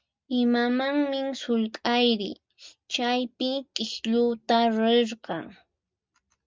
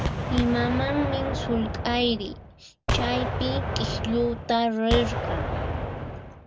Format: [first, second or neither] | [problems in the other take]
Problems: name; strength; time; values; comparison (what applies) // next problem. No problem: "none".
first | background sound (Gunshot, gunfire); 1 dB below the speech